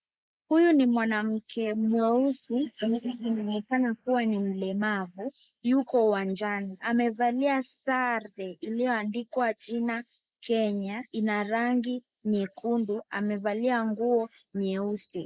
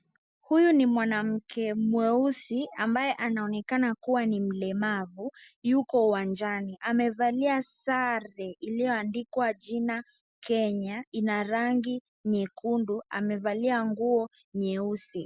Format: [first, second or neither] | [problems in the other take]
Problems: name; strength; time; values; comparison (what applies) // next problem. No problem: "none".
second | noise reduction (neural mask model Resemble Enhance denoiser)